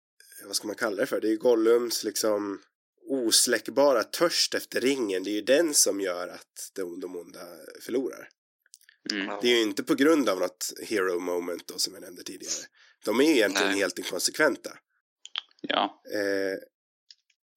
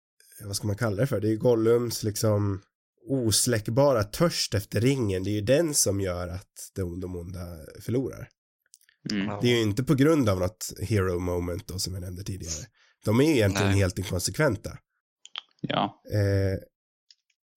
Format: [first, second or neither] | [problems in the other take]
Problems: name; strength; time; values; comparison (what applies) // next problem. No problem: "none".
second | thin; somewhat; fading below 300 Hz